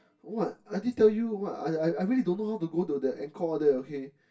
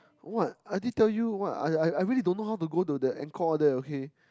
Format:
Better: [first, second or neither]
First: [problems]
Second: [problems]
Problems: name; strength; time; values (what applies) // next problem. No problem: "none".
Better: second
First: room echo; dies away in 0.2 s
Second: none